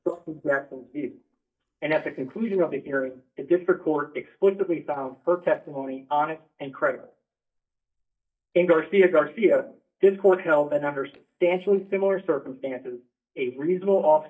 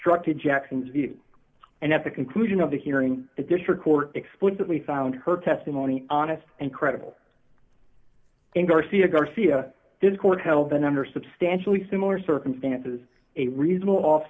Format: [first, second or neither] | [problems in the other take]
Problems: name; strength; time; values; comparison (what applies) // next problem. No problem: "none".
second | noise reduction (neural mask model DeepFilterNet 3)